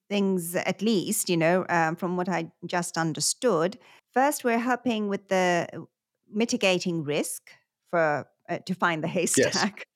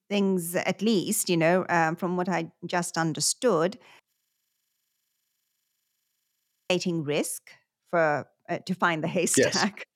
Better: first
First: none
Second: audio freezing; at 4 s for 2.5 s

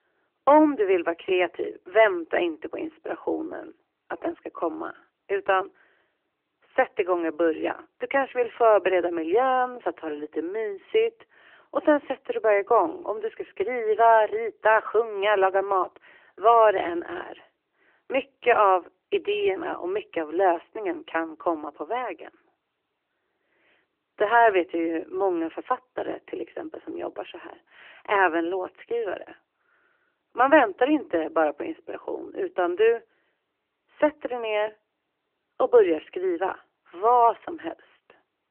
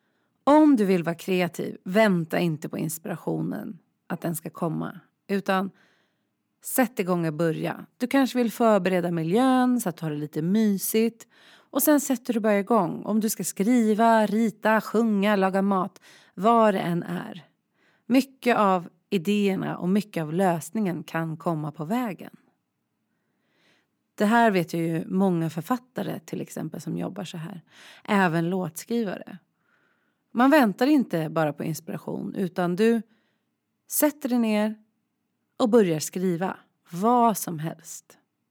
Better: second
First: phone-call audio; nothing above 3 kHz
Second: none

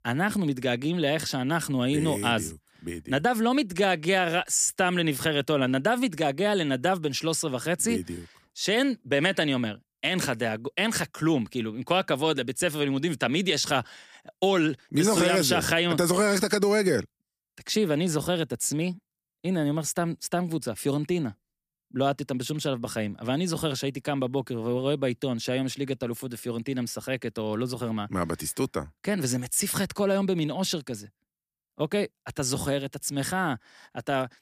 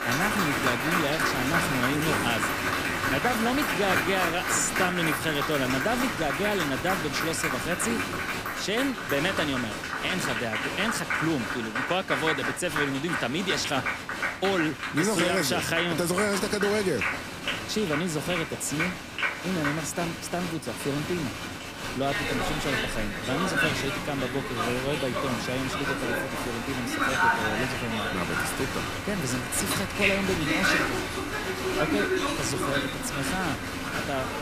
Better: first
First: none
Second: crowd noise; very loud; throughout; 1 dB above the speech

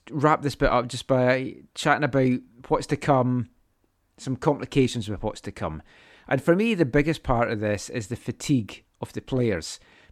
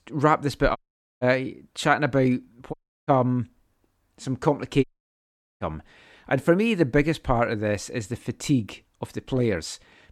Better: first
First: none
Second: audio cutting out; at 1 s, at 2.5 s and at 5 s for 1 s

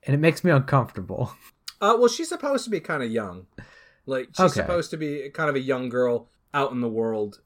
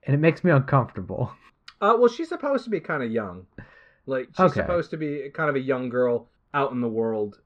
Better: first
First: none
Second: muffled; slightly; fading above 2.5 kHz

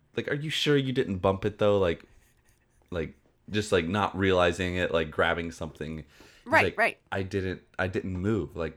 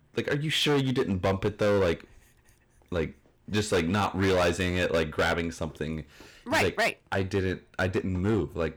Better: first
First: none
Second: distortion; heavy; 10% of the sound clipped

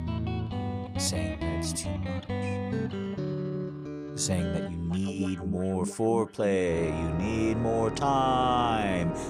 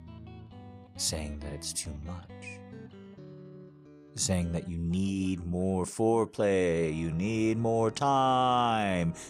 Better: second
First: background music; loud; throughout; 5 dB below the speech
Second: background music; faint; throughout; 20 dB below the speech

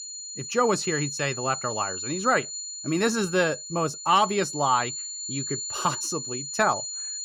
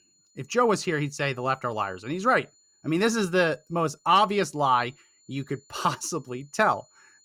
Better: second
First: high-pitched whine; loud; throughout; 7 kHz, 6 dB below the speech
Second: high-pitched whine; faint; throughout; 7 kHz, 35 dB below the speech

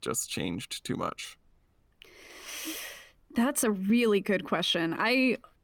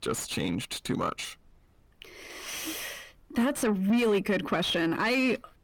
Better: first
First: none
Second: distortion; slight; 9 dB below the speech

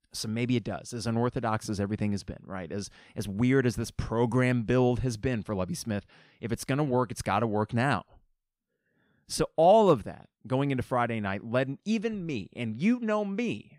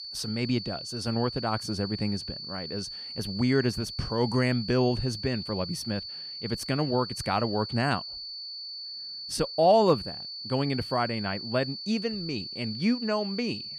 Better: first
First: none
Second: high-pitched whine; loud; throughout; 4.5 kHz, 7 dB below the speech

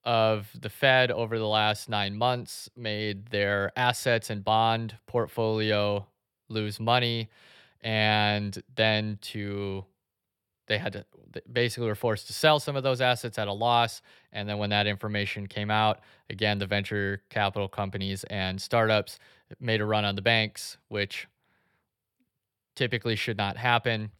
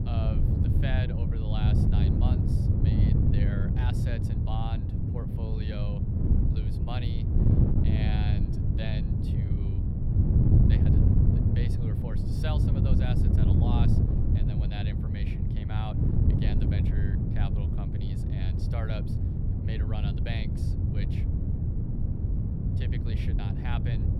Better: first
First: none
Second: wind noise on the microphone; heavy; 3 dB above the speech

